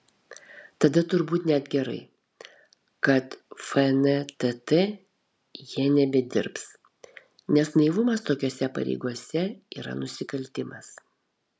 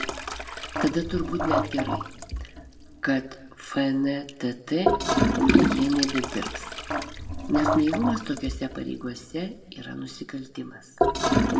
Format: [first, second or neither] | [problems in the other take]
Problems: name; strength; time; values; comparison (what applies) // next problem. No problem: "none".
first | background sound (Toilet flush / Gurgling); 2 dB above the speech // room echo; dies away in 1.2 s